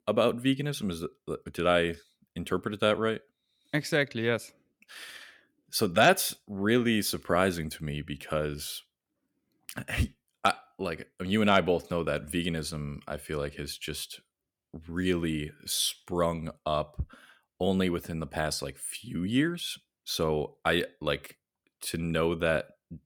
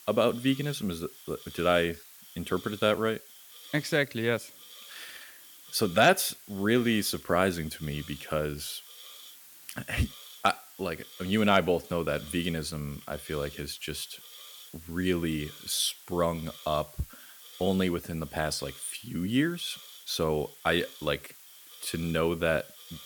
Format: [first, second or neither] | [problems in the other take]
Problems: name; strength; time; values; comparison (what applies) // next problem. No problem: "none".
first | hiss; noticeable; throughout; 15 dB below the speech